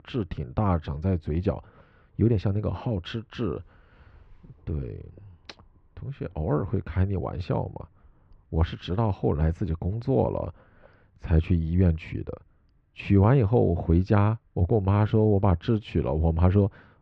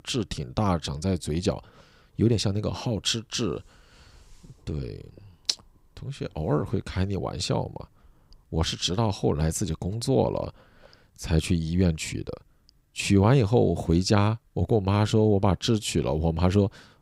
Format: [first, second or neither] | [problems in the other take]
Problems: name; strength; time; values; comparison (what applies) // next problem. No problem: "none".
second | muffled; very; fading above 2 kHz